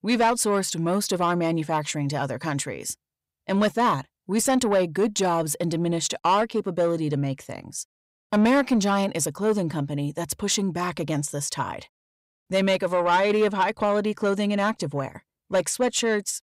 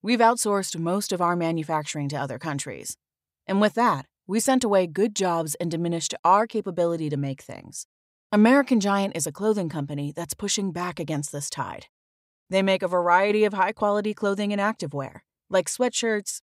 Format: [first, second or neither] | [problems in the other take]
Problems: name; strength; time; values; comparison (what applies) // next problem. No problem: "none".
second | distortion; slight; 10 dB below the speech